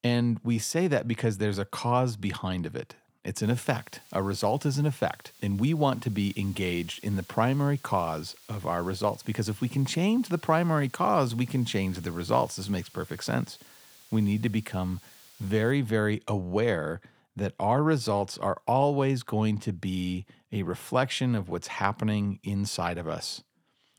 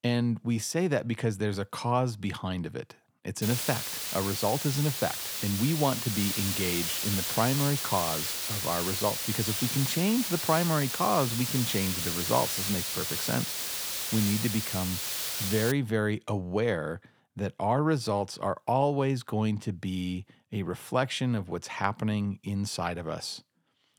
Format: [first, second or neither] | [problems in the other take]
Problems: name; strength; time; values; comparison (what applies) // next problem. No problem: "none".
first | hiss; loud; from 3.5 to 16 s; as loud as the speech; faint in the first